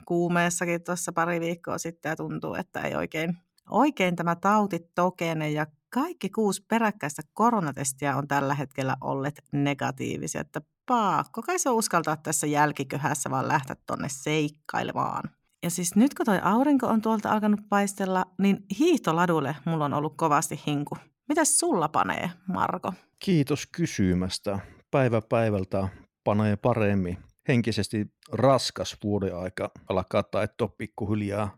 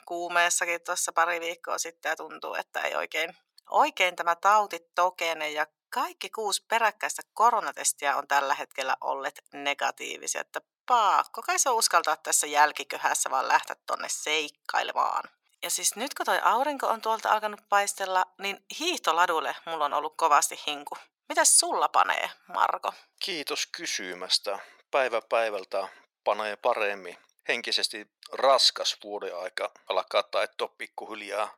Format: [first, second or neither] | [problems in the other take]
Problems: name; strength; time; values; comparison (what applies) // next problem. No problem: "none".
first | thin; very; fading below 600 Hz